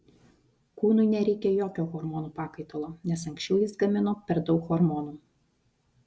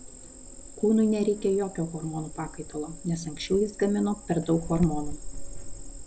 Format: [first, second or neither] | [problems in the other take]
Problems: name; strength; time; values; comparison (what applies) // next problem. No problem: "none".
first | background sound (Cricket); 10 dB below the speech